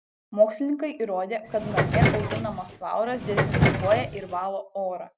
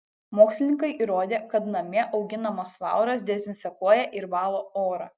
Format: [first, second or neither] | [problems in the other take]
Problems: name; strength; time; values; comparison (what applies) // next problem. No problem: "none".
second | background sound (Subway, metro, underground); 2 dB above the speech